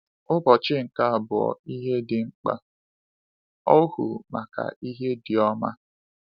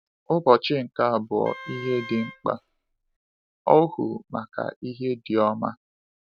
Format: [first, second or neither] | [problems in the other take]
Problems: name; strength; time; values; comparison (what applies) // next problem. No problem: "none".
first | background sound (Wind instrument, woodwind instrument); 17 dB below the speech